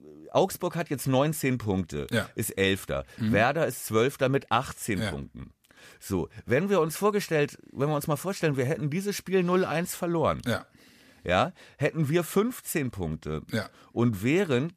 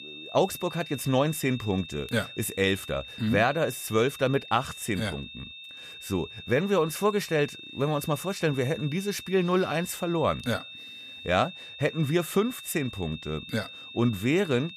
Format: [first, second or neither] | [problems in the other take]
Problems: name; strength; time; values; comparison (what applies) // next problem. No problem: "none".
first | high-pitched whine; noticeable; throughout; 3.5 kHz, 15 dB below the speech